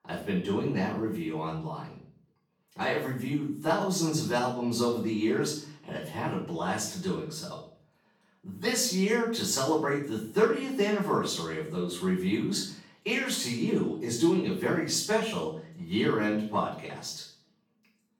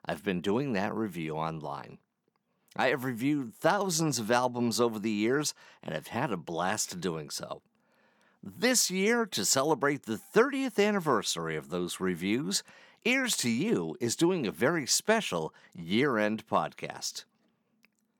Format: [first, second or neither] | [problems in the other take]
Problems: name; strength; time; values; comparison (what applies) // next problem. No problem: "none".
second | off-mic speech; far // room echo; noticeable; dies away in 0.5 s